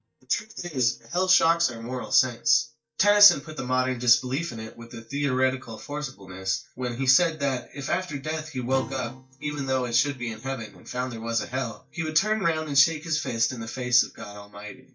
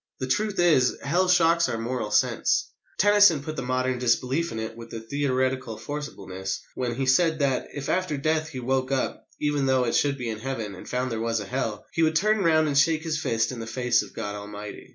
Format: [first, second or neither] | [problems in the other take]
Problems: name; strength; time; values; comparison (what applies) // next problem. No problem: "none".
second | noise reduction (neural mask model DeepFilterNet 3)